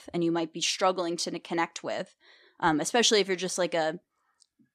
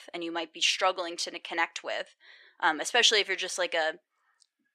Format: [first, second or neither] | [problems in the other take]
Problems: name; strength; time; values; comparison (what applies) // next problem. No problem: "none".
first | thin; very; fading below 550 Hz